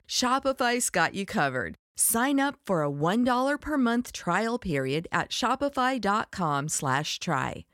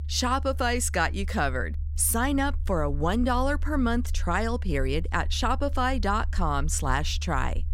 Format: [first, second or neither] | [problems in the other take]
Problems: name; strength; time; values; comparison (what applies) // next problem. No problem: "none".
first | low rumble; faint; throughout; 25 dB below the speech